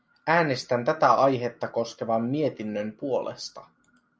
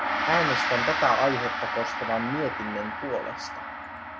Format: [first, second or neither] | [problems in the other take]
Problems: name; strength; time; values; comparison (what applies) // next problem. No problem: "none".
first | background sound (Gong); as loud as the speech